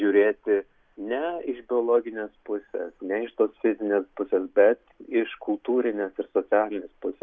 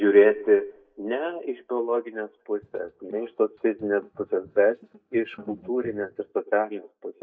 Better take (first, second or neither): first